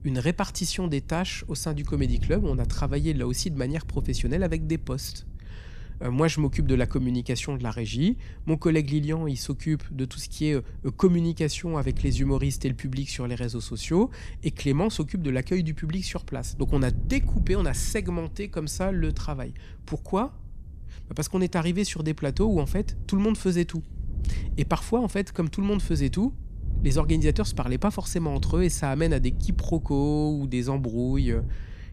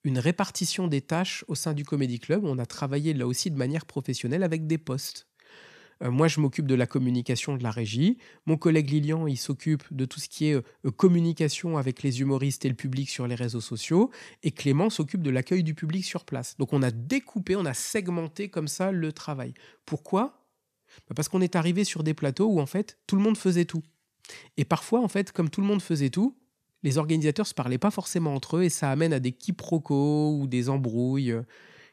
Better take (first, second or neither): second